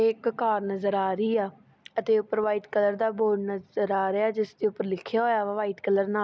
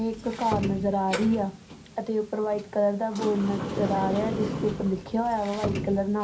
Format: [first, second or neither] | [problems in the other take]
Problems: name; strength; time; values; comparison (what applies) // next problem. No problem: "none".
first | background sound (Sliding door); 7 dB below the speech // room echo; dies away in 0.3 s